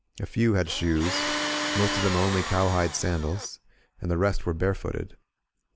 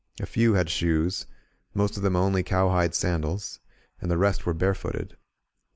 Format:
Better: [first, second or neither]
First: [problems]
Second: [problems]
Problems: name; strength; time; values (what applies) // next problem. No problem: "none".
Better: second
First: background sound (Tools); 4 dB below the speech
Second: none